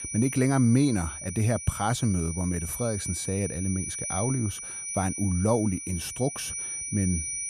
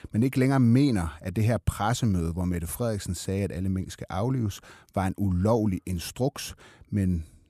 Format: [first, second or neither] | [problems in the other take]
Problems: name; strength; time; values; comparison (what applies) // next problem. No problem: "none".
second | high-pitched whine; loud; throughout; 9.5 kHz, 6 dB below the speech